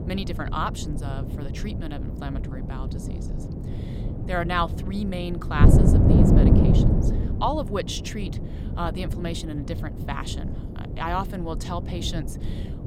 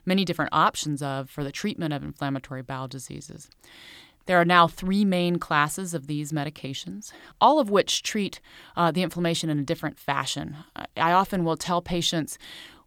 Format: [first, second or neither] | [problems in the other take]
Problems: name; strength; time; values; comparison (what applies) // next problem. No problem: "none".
second | wind noise on the microphone; heavy; 3 dB below the speech